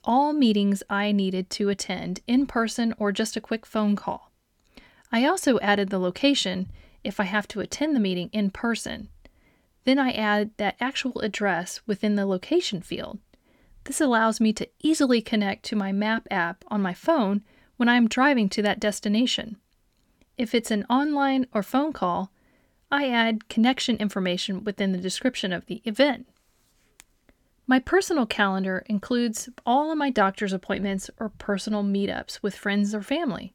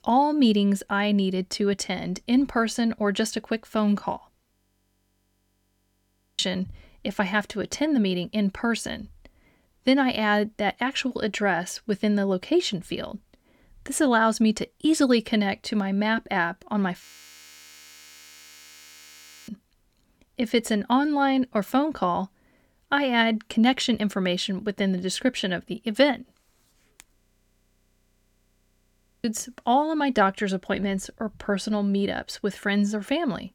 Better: first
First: none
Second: audio freezing; at 4.5 s for 2 s, at 17 s for 2.5 s and at 27 s for 2 s

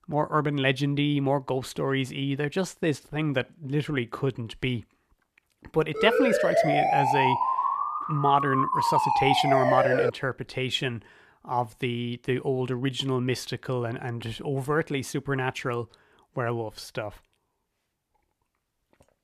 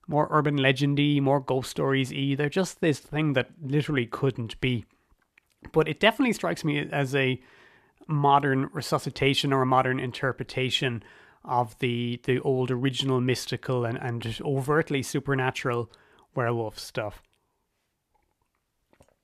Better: second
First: siren; loud; from 6 to 10 s; peak 5 dB above the speech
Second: none

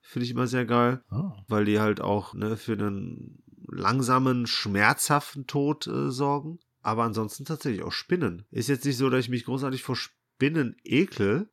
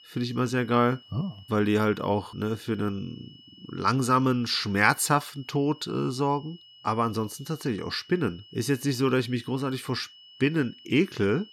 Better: first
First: none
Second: high-pitched whine; faint; throughout; 3 kHz, 25 dB below the speech

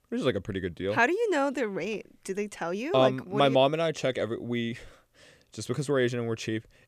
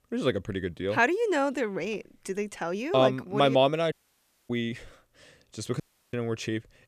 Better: first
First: none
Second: audio cutting out; at 4 s for 0.5 s and at 6 s

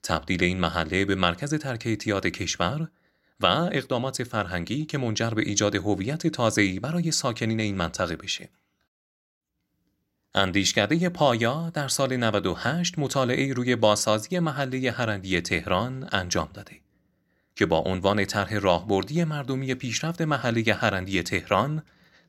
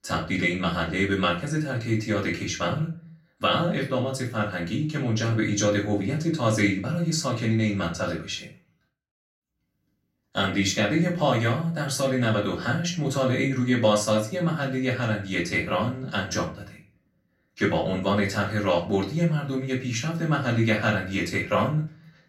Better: first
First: none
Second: off-mic speech; far // room echo; slight; dies away in 0.3 s

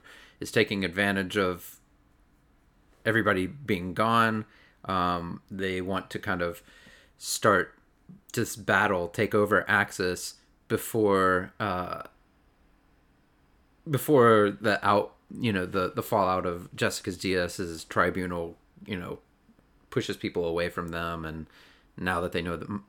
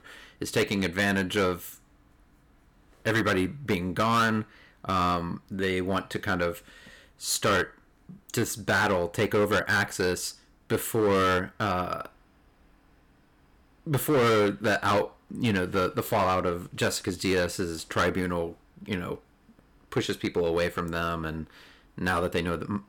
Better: first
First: none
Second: distortion; heavy; 6% of the sound clipped

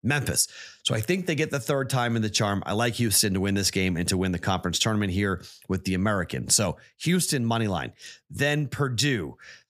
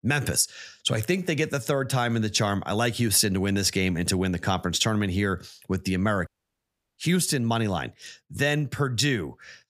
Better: first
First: none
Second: audio cutting out; at 6.5 s for 0.5 s

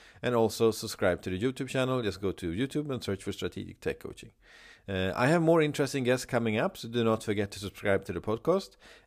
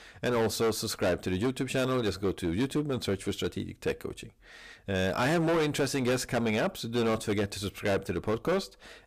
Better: first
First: none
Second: distortion; heavy; 13% of the sound clipped

